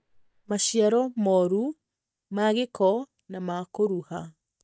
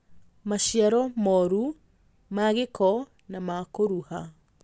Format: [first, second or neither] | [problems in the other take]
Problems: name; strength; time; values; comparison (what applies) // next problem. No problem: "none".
second | noise reduction (neural mask model DeepFilterNet 3)